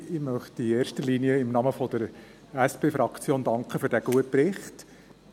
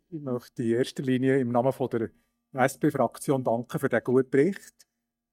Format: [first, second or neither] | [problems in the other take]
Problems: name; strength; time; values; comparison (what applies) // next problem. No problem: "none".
first | noise reduction (neural mask model DeepFilterNet 3)